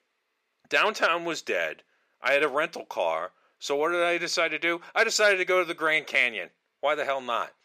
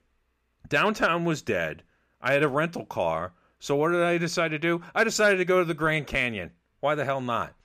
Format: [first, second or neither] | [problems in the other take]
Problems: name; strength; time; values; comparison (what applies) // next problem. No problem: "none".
second | thin; somewhat; fading below 450 Hz